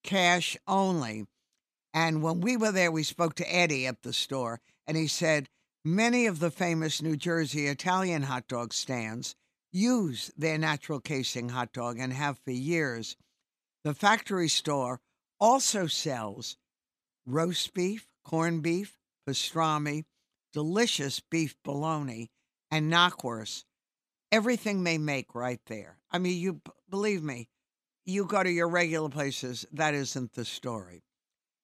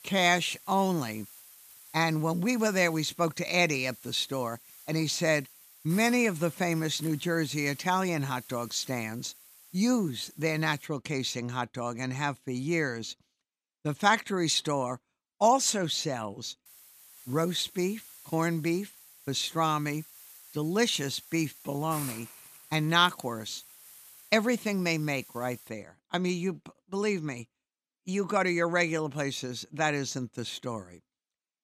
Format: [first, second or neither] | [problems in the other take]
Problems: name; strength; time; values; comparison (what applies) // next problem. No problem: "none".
first | hiss; noticeable; until 11 s and from 17 to 26 s; 20 dB below the speech